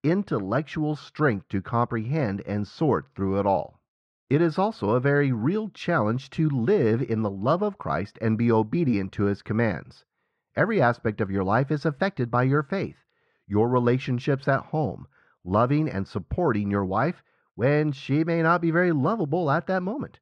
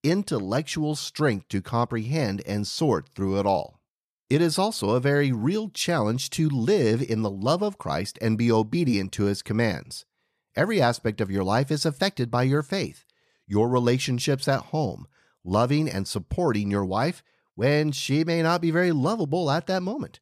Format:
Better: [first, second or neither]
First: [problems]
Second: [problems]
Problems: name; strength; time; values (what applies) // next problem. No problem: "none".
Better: second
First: muffled; very; fading above 2 kHz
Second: none